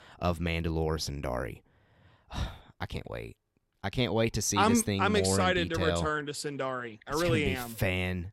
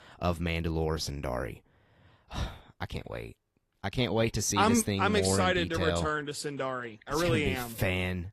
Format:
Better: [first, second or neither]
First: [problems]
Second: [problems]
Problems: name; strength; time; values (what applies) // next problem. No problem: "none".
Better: first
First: none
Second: garbled, watery; slightly; nothing above 13 kHz